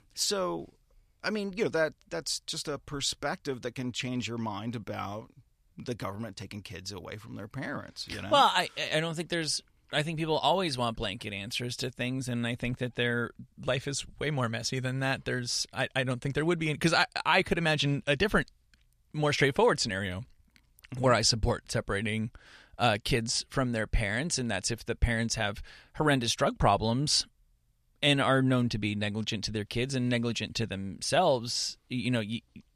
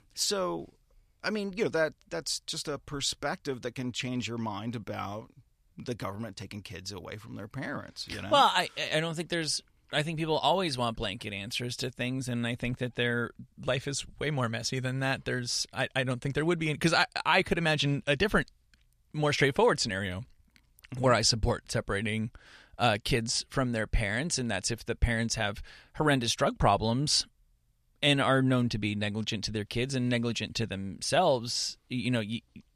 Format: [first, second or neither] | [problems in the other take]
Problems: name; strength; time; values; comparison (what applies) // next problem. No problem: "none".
neither | none